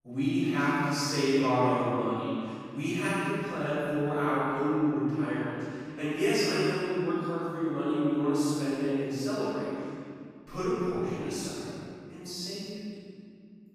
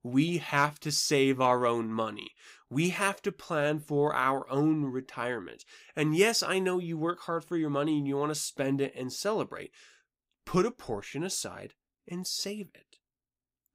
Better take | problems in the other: second | off-mic speech; far // room echo; strong; dies away in 2.5 s

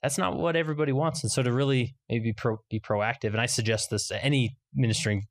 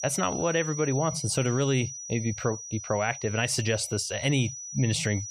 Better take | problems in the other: first | high-pitched whine; loud; throughout; 6 kHz, 8 dB below the speech

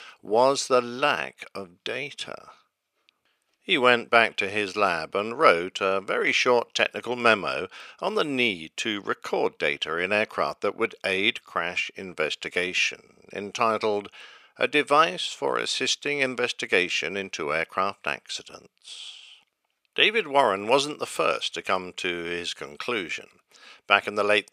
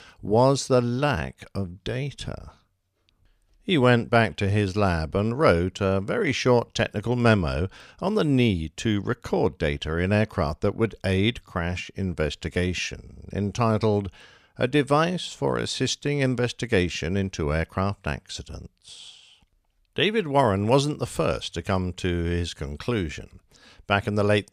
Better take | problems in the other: second | thin; somewhat; fading below 400 Hz

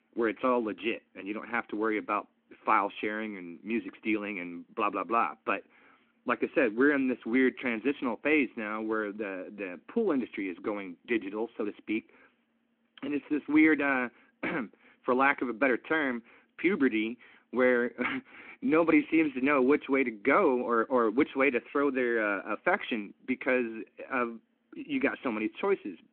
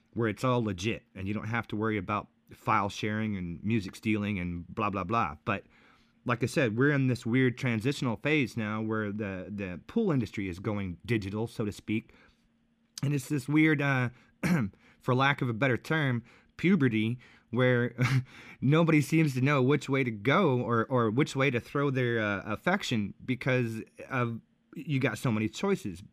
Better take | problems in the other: second | phone-call audio

